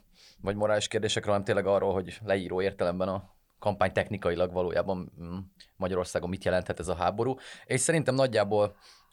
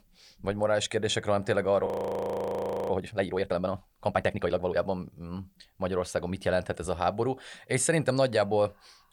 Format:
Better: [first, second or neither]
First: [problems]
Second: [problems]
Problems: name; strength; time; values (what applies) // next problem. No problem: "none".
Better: first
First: none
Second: audio freezing; at 2 s for 1 s